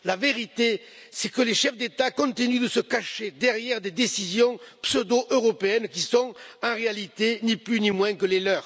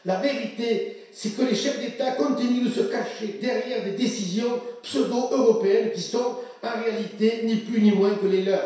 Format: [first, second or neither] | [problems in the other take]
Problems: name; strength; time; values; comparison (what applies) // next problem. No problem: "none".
first | room echo; dies away in 0.7 s